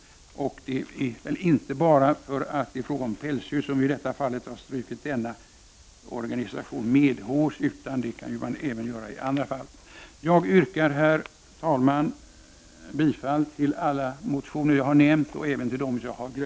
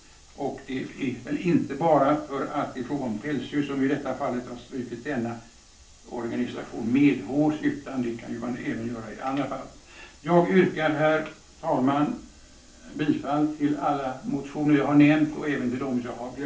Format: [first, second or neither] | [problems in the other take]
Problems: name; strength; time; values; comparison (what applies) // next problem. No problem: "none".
first | room echo; dies away in 0.4 s